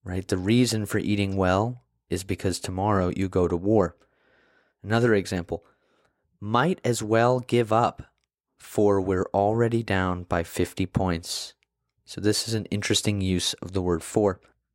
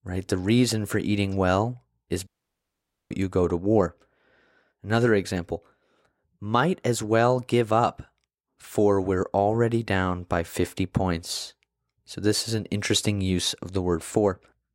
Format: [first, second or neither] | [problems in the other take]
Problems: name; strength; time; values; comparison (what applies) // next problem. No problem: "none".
first | audio cutting out; at 2.5 s for 1 s